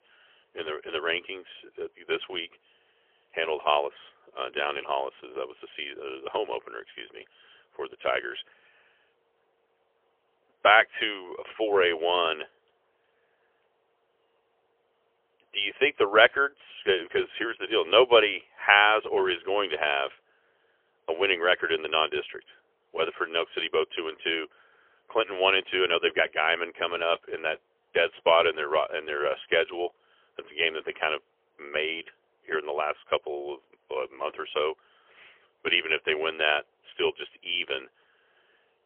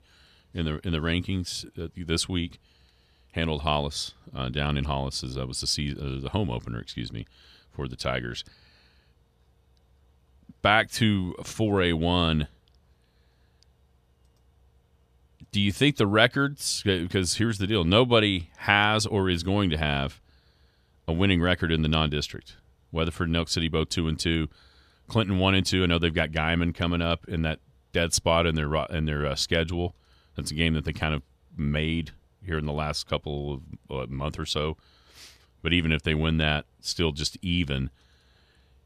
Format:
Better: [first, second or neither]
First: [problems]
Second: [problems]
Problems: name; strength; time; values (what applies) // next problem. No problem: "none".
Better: second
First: phone-call audio; poor line; nothing above 3.5 kHz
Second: none